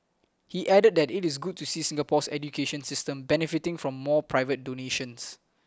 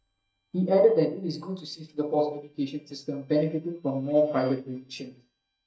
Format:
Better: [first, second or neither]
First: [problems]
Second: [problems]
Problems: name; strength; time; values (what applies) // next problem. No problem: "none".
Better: first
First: none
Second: noise reduction (neural mask model DeepFilterNet 3)